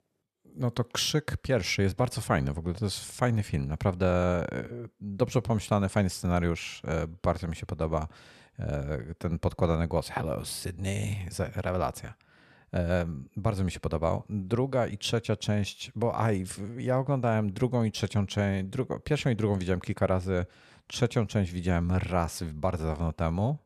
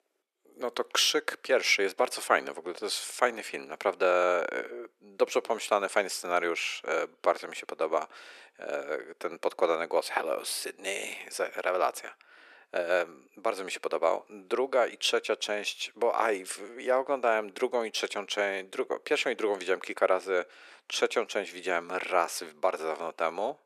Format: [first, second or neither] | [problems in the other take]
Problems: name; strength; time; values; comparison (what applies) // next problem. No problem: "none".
first | thin; very; fading below 350 Hz